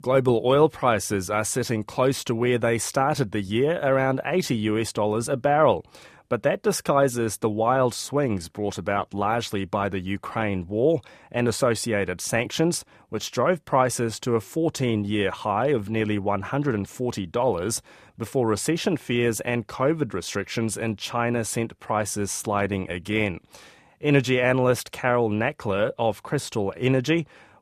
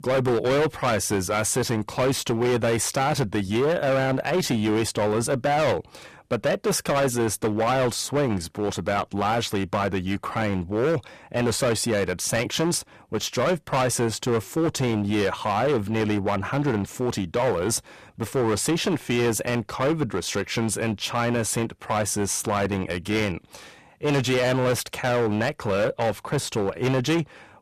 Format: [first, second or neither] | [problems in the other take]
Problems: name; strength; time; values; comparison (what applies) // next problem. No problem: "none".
first | distortion; heavy; 15% of the sound clipped